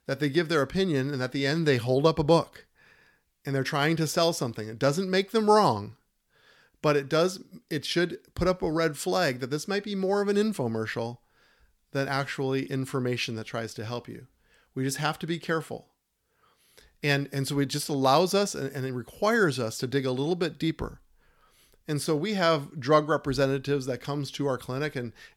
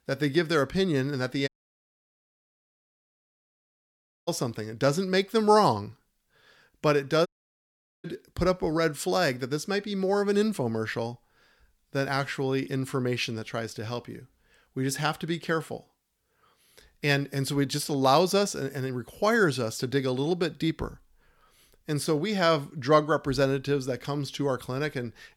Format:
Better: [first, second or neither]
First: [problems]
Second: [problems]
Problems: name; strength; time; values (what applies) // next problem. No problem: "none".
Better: first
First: none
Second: audio cutting out; at 1.5 s for 3 s and at 7.5 s for 1 s